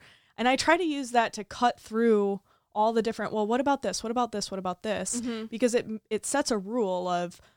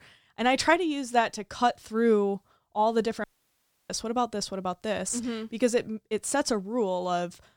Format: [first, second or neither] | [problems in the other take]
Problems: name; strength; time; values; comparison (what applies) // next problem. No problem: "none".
first | audio cutting out; at 3 s for 0.5 s